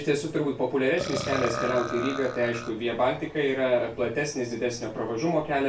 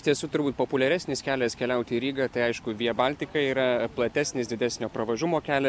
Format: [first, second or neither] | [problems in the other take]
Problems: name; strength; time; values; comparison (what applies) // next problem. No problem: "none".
second | background sound (Burping, eructation); 8 dB below the speech // room echo; dies away in 0.3 s